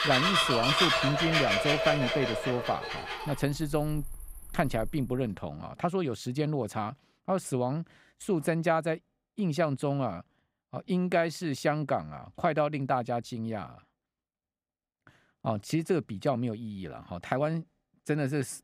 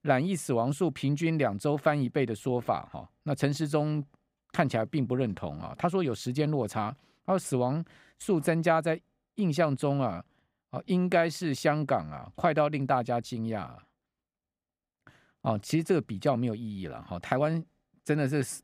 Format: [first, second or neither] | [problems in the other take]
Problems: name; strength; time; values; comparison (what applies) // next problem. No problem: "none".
second | animal sounds; very loud; until 5 s; 4 dB above the speech